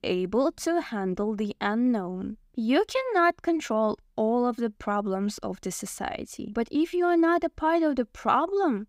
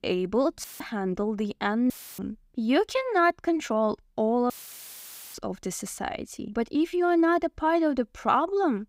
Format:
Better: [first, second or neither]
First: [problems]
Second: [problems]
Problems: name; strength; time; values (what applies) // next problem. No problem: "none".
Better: first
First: none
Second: audio cutting out; filled with static; at 0.5 s, at 2 s and at 4.5 s for 1 s